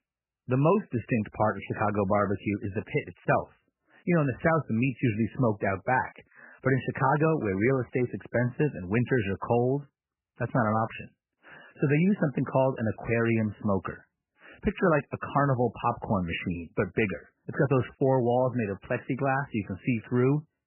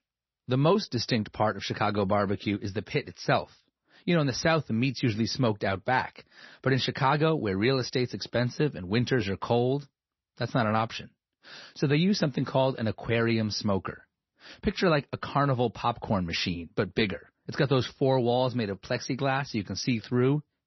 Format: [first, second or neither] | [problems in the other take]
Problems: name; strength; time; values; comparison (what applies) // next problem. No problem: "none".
second | garbled, watery; badly; nothing above 3 kHz; slightly in the second